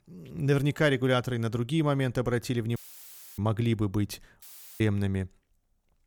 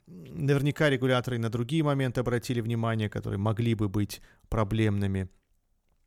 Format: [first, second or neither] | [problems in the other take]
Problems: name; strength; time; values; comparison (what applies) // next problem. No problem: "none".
second | audio cutting out; filled with static; at 3 s for 0.5 s and at 4.5 s